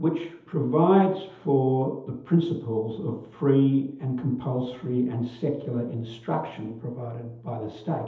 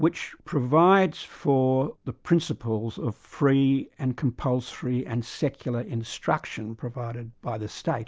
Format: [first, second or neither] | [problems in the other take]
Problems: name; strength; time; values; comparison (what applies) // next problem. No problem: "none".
second | room echo; dies away in 0.8 s